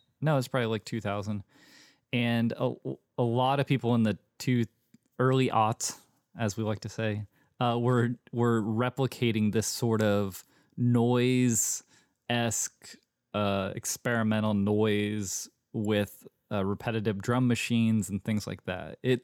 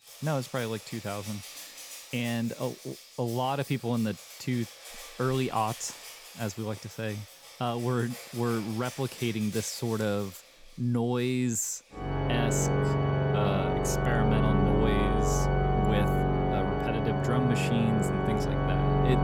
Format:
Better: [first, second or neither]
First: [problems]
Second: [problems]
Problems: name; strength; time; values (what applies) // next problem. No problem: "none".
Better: first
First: none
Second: background music; very loud; throughout; 4 dB above the speech